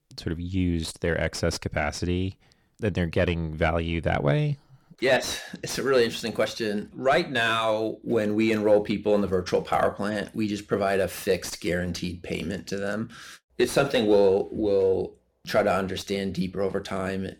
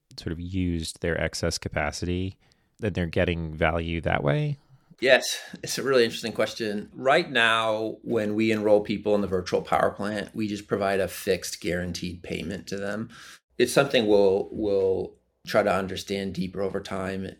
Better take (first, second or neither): second